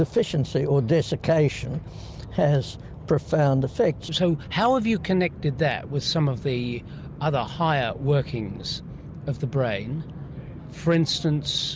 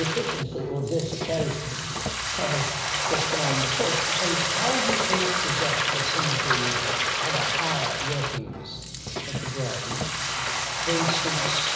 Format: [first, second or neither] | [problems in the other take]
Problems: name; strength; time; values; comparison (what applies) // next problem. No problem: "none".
first | background sound (Frying (food)); 3 dB above the speech // room echo; dies away in 1 s